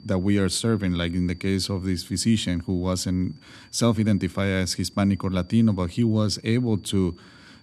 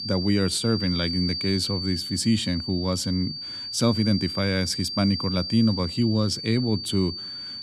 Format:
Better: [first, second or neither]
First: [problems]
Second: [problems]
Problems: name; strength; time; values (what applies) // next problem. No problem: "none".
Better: first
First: high-pitched whine; faint; throughout; 4.5 kHz, 30 dB below the speech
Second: high-pitched whine; loud; throughout; 4.5 kHz, 5 dB below the speech